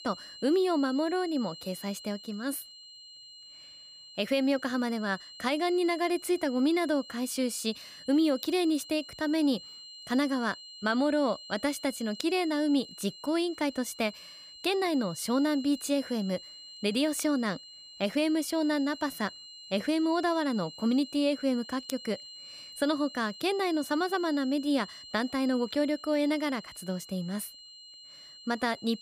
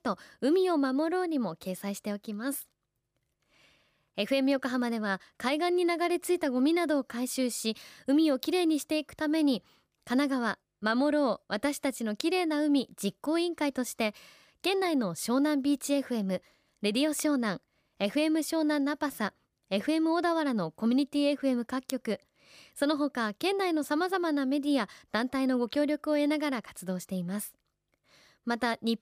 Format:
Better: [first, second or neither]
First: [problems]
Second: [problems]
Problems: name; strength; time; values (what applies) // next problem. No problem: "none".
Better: second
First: high-pitched whine; noticeable; throughout; 4 kHz, 15 dB below the speech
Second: none